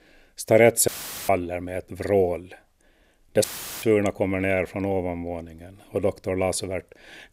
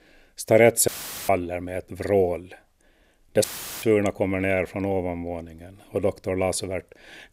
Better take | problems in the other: neither | audio cutting out; filled with static; at 1 s and at 3.5 s; the same in both

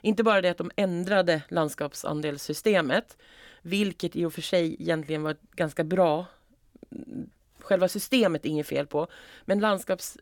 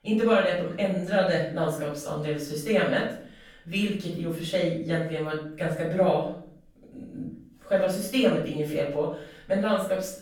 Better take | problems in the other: first | room echo; noticeable; dies away in 0.5 s // off-mic speech; far

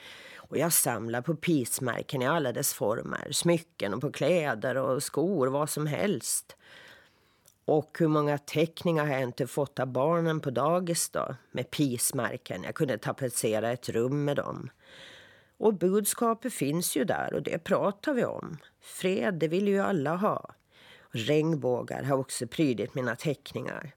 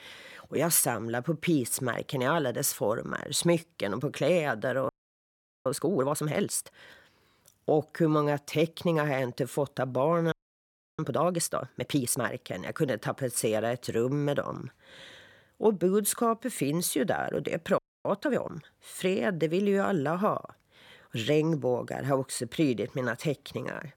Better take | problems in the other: first | audio freezing; at 5 s for 1 s, at 10 s for 0.5 s and at 18 s

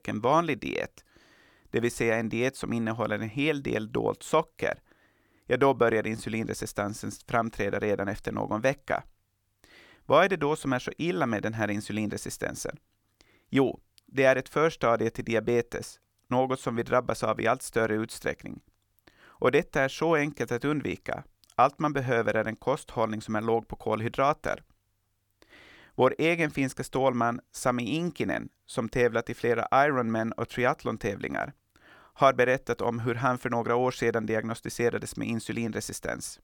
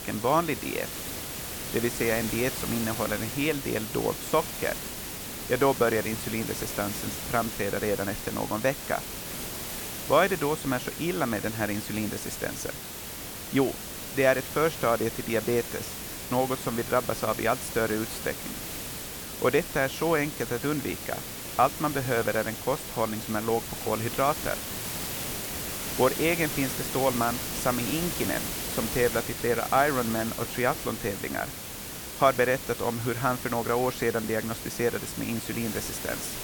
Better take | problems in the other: first | hiss; loud; throughout; 5 dB below the speech

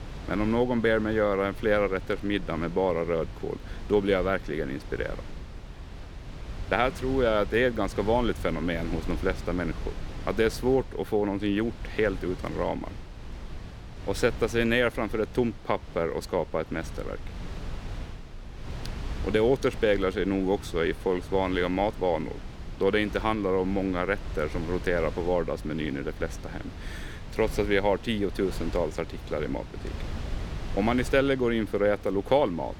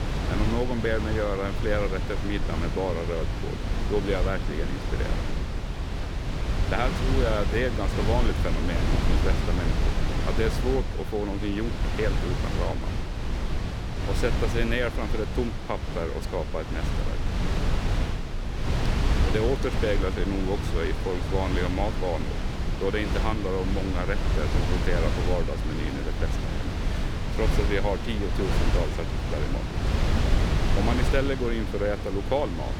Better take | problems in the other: first | wind noise on the microphone; heavy; 3 dB below the speech; occasional gusts in the first

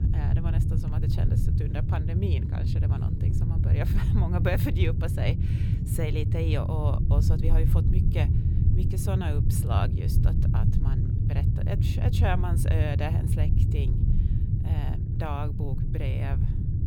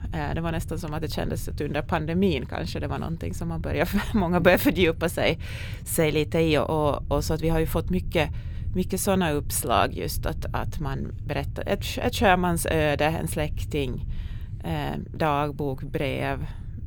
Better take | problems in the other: second | low rumble; loud; throughout; 2 dB below the speech; faint in the second

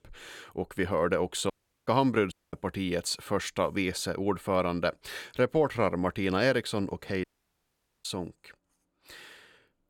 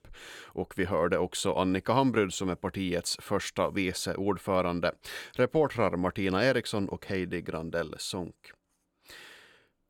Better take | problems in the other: second | audio cutting out; at 1.5 s, at 2.5 s and at 7 s for 1 s

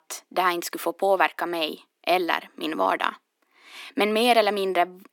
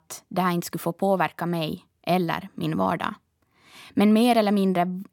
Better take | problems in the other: second | thin; somewhat; fading below 300 Hz

